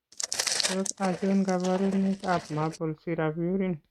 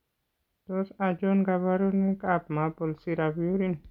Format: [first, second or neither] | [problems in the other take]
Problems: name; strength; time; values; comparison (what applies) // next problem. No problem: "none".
second | noise reduction (neural mask model RNNoise)